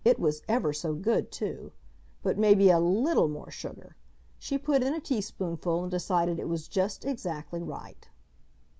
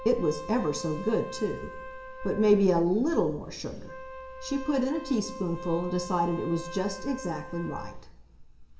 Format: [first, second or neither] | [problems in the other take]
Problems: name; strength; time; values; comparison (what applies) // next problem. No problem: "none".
first | background sound (Wind instrument, woodwind instrument); 14 dB below the speech // room echo; dies away in 0.8 s